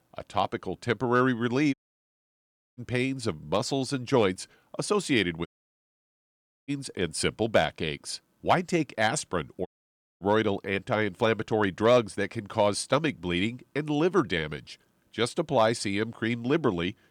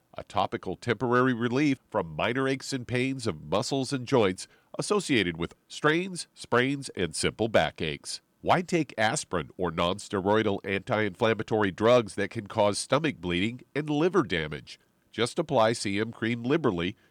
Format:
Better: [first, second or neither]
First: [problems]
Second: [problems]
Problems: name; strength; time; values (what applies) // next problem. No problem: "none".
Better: second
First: audio cutting out; at 1.5 s for 1 s, at 5.5 s for 1 s and at 9.5 s for 0.5 s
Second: none